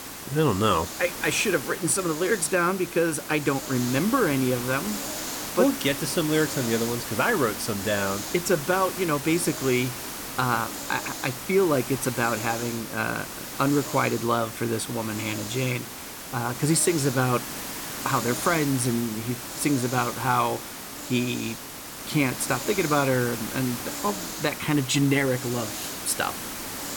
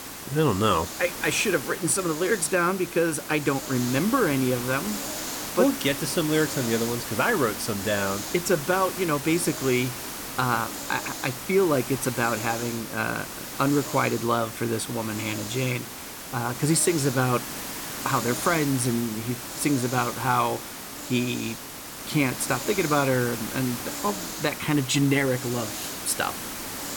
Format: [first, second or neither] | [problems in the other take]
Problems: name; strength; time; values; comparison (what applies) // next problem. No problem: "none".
neither | hiss; loud; throughout; 7 dB below the speech; the same in both